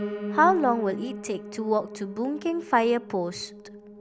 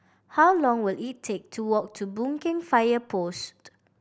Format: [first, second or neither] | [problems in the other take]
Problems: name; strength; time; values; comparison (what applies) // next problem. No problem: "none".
second | background sound (Piano); 10 dB below the speech